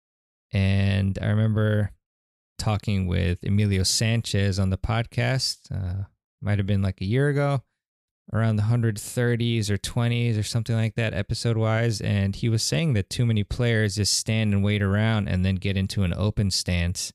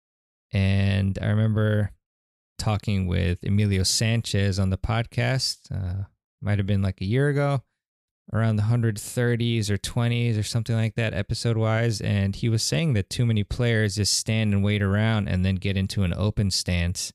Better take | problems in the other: neither | none

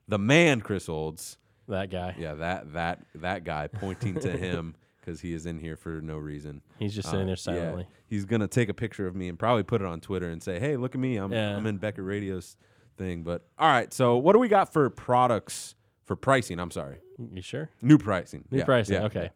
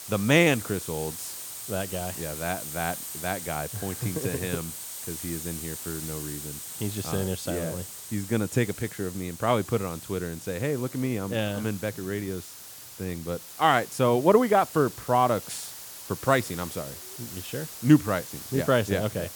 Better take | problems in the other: first | hiss; loud; throughout; 10 dB below the speech

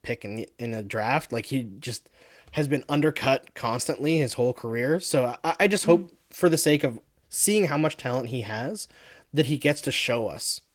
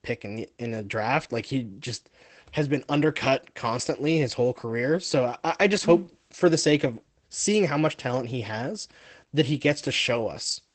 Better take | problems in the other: first | garbled, watery; badly; nothing above 8 kHz; slightly in the first

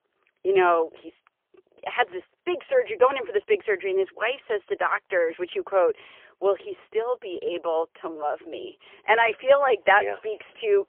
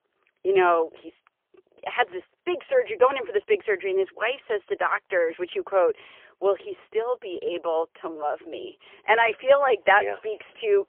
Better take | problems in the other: neither | phone-call audio; poor line; nothing above 3 kHz; the same in both

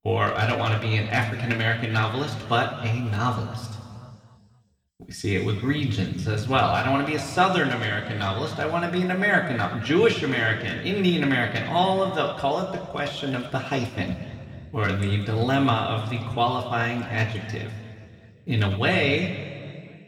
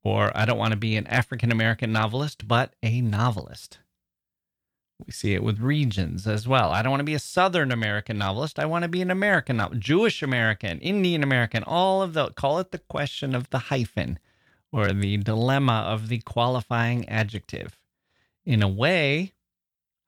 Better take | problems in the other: second | room echo; slight; dies away in 2 s // off-mic speech; somewhat distant

